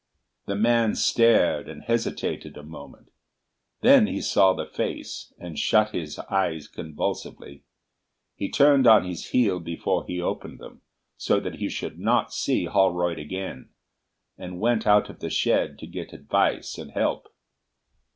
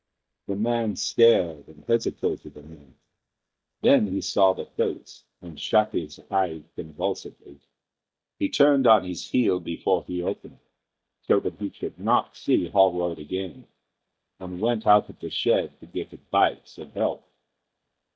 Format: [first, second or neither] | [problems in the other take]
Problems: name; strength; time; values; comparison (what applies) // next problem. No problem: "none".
first | noise reduction (neural mask model DeepFilterNet 3)